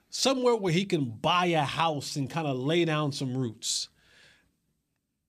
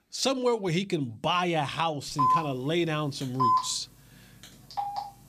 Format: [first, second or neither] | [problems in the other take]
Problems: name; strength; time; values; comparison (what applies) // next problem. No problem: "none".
first | phone ringing; loud; from 2 s on; peak 4 dB above the speech